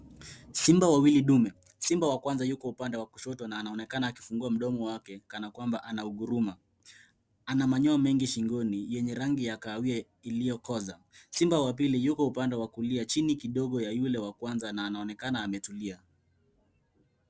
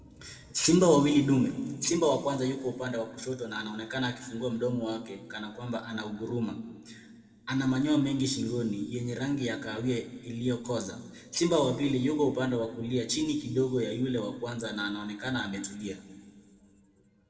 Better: first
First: none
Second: room echo; dies away in 1.6 s

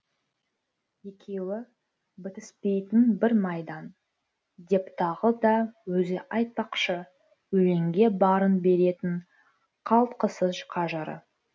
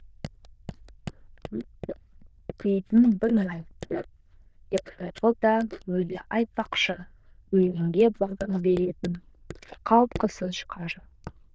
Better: first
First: none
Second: noise reduction (neural diffusion model UNIVERSE++)

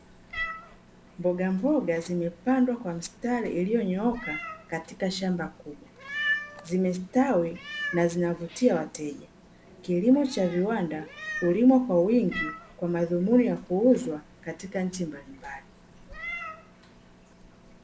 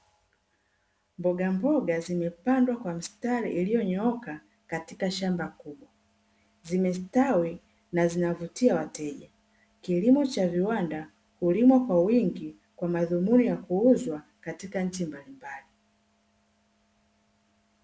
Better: second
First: background sound (Meow); 13 dB below the speech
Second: none

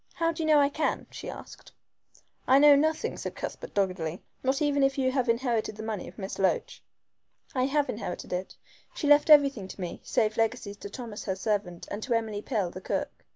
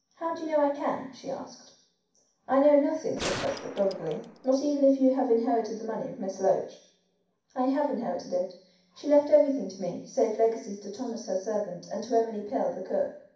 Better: first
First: none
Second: background sound (Gunshot, gunfire); 10 dB below the speech // room echo; dies away in 0.6 s

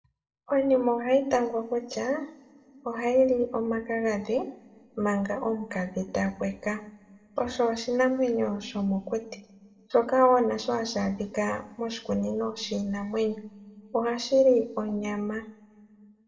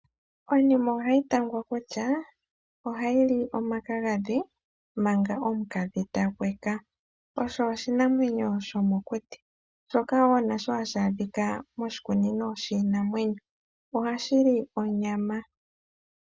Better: second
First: room echo; dies away in 1.2 s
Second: none

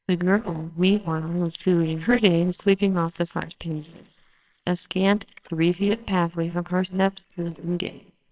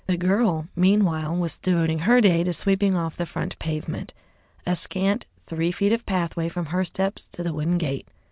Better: second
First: noise reduction (neural separator model SepFormer WHAMR!)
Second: none

